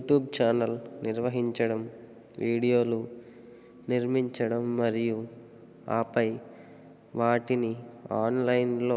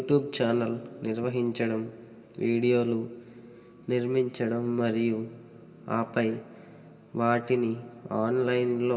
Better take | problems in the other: first | room echo; dies away in 2 s

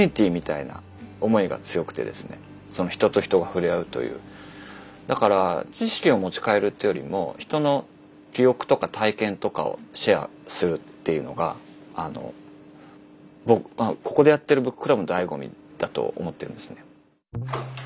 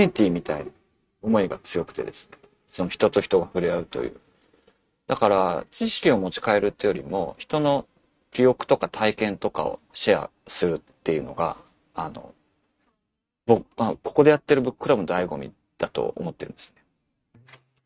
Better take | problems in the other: first | noise reduction (neural mask model RNNoise)

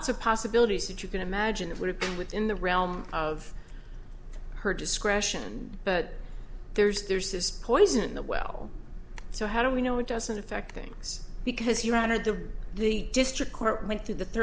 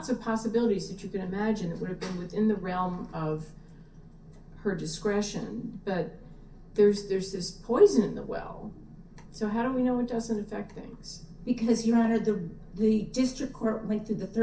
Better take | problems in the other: first | room echo; dies away in 0.3 s

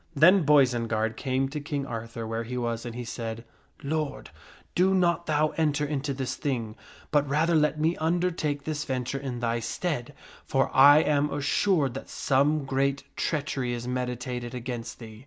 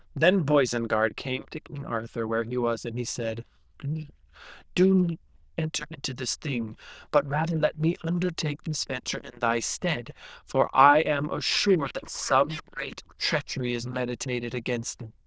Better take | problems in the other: first | noise reduction (neural diffusion model UNIVERSE++)

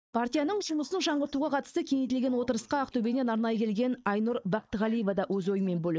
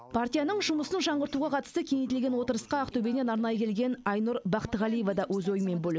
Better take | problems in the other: second | noise reduction (neural mask model DeepFilterNet 3)

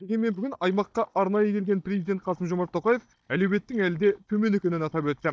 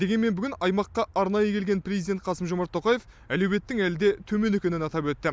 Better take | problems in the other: second | noise reduction (neural mask model DeepFilterNet 3)

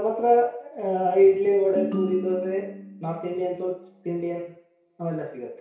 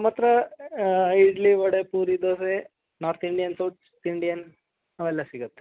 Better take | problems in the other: second | background sound (Ringtone); 10 dB below the speech // room echo; dies away in 0.6 s

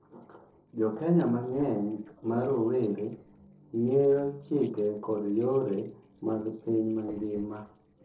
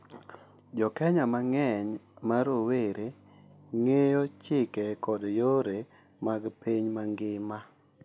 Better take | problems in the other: second | noise reduction (neural separator model SepFormer DNS4)

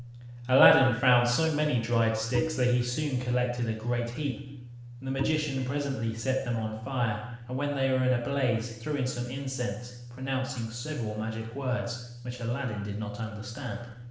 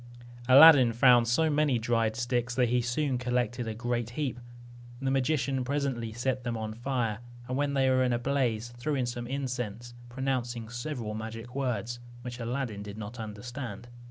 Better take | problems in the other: second | background sound (Bowed string instrument); 11 dB below the speech // room echo; dies away in 0.9 s

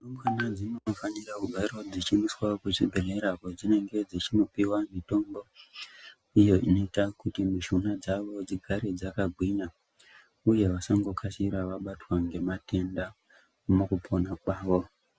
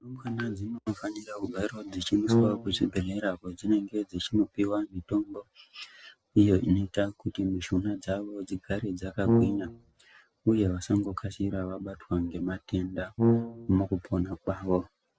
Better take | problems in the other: first | noise reduction (neural separator model SepFormer DNS4)

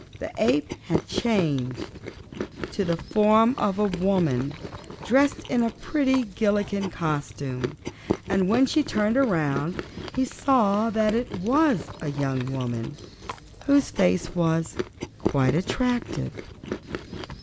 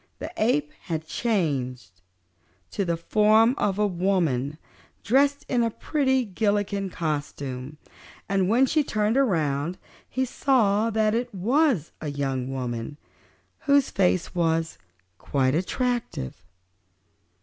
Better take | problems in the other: second | background sound (Chewing, mastication); 10 dB below the speech

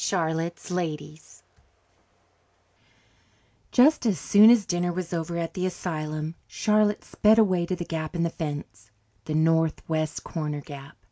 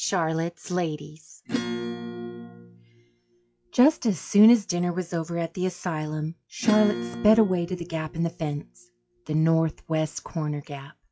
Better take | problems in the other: first | noise reduction (classical method log-MMSE)

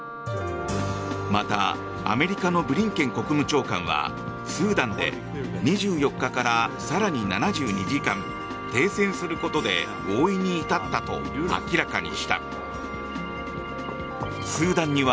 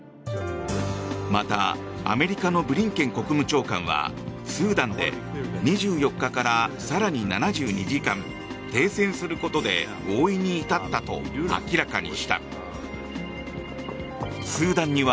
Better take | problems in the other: second | background sound (Wind instrument, woodwind instrument); 11 dB below the speech

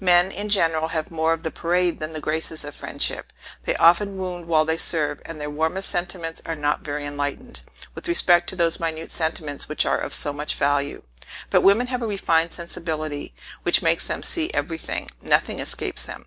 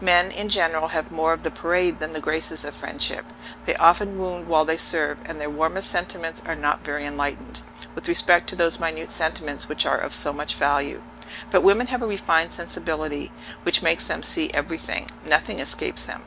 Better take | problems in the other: first | background sound (Engine); 18 dB below the speech

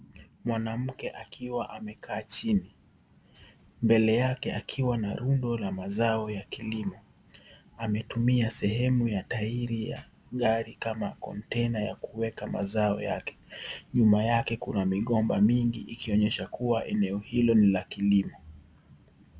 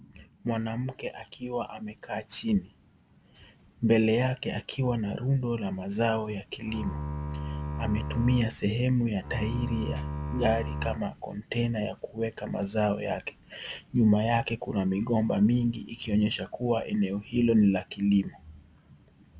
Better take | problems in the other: first | background sound (Bowed string instrument); 6 dB below the speech

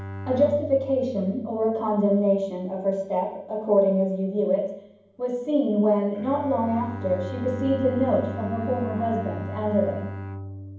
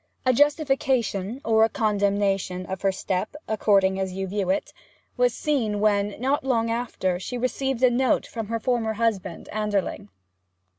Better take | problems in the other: second | background sound (Bowed string instrument); 12 dB below the speech // room echo; dies away in 1.2 s

